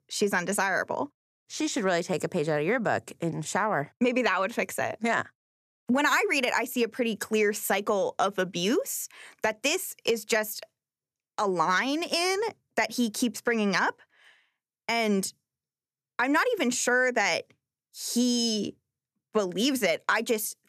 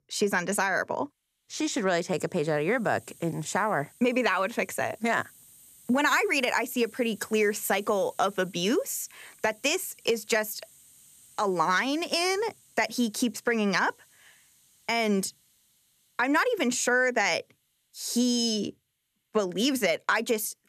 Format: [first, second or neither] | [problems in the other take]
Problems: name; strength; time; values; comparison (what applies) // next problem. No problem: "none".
first | hiss; faint; throughout; 25 dB below the speech